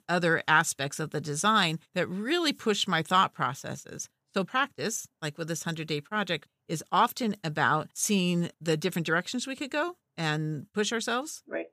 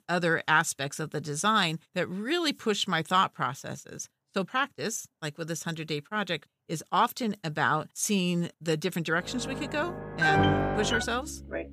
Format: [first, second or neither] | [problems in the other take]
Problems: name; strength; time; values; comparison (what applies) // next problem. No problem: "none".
first | background music; loud; from 9.5 s on; as loud as the speech